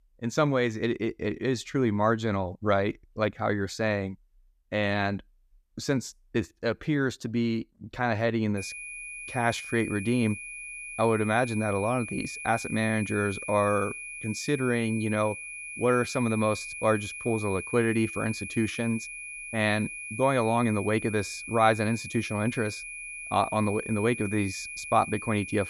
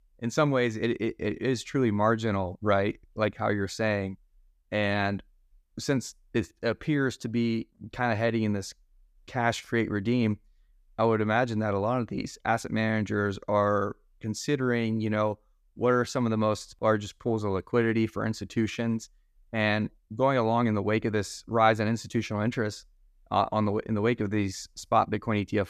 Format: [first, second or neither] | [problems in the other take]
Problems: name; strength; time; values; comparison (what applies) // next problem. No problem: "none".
second | high-pitched whine; loud; from 8.5 s on; 2.5 kHz, 9 dB below the speech